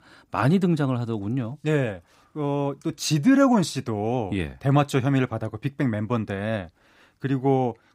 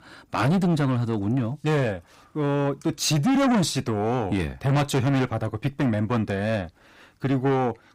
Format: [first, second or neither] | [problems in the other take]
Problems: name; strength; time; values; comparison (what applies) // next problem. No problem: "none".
first | distortion; heavy; 7 dB below the speech